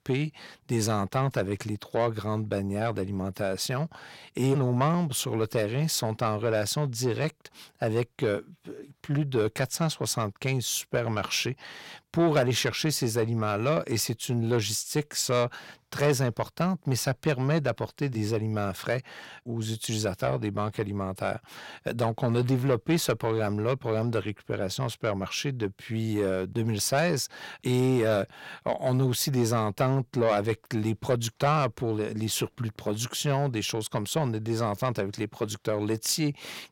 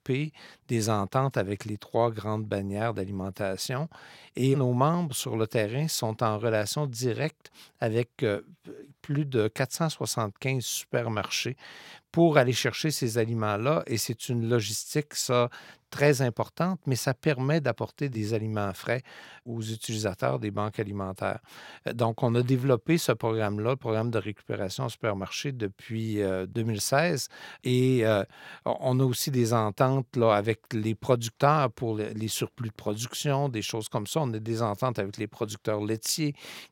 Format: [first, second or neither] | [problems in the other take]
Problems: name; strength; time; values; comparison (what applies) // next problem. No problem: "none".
second | distortion; slight; 10 dB below the speech